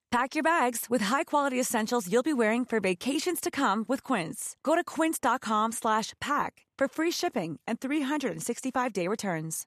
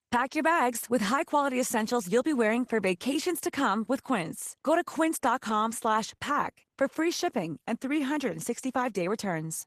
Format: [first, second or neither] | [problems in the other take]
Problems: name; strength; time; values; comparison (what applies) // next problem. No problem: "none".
first | garbled, watery; slightly; nothing above 14 kHz